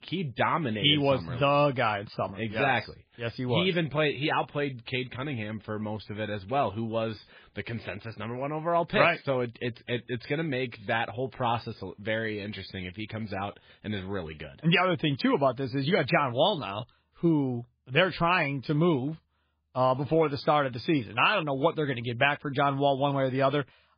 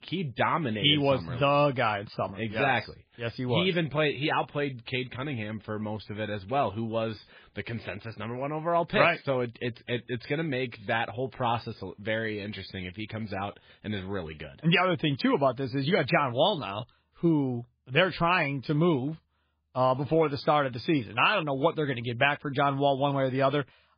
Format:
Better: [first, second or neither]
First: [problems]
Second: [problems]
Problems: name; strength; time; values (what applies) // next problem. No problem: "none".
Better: neither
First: garbled, watery; badly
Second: garbled, watery; badly